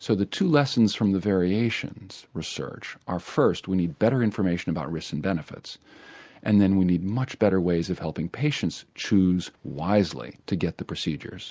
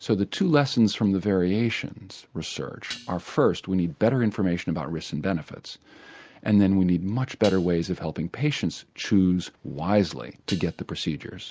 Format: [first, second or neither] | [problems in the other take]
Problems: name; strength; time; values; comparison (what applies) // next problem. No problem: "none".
first | background sound (Dishes, pots, and pans); 16 dB below the speech